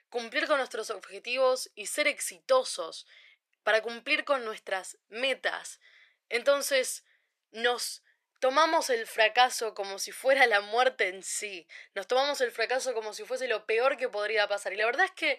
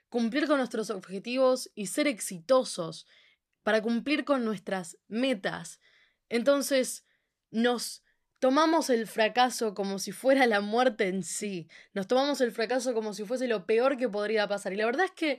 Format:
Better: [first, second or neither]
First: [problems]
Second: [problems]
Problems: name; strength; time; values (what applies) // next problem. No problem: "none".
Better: second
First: thin; very; fading below 500 Hz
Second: none